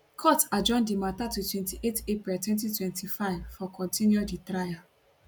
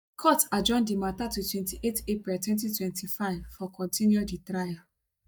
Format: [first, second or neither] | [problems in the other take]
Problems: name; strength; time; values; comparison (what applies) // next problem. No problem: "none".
first | noise reduction (neural mask model DeepFilterNet 3)